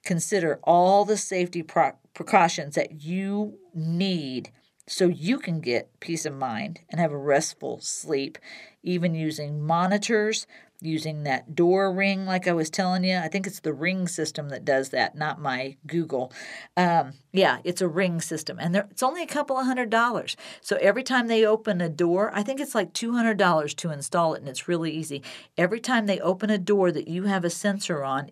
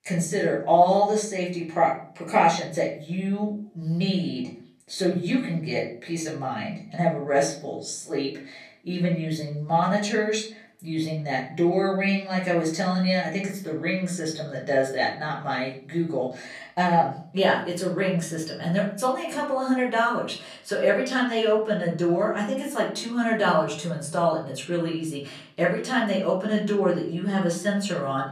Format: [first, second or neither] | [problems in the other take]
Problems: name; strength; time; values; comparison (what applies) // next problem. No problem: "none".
first | room echo; slight; dies away in 0.4 s // off-mic speech; far